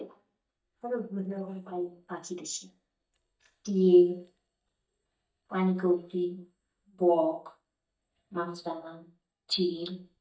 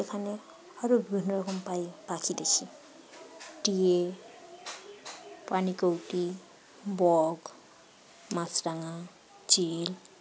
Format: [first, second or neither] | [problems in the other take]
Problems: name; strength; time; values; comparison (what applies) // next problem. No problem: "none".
second | noise reduction (neural mask model DeepFilterNet 3)